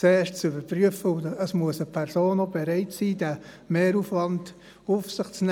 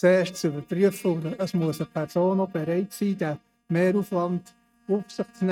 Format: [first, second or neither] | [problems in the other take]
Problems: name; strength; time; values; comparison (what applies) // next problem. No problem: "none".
first | noise reduction (neural mask model RNNoise)